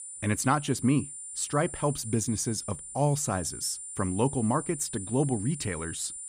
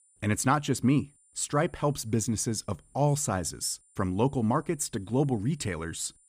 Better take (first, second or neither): second